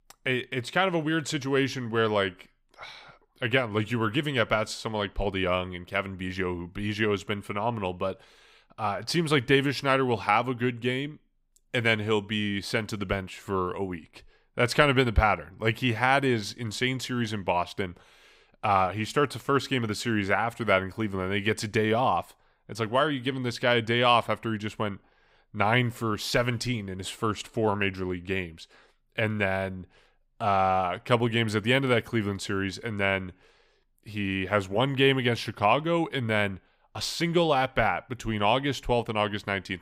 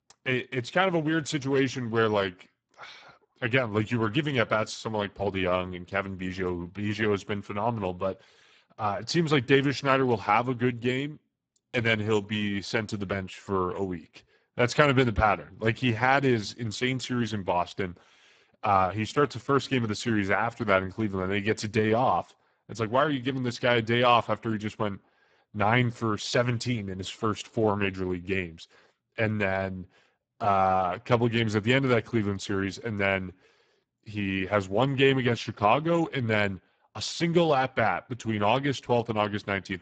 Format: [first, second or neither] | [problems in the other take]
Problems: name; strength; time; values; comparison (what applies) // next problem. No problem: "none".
first | garbled, watery; badly; nothing above 8 kHz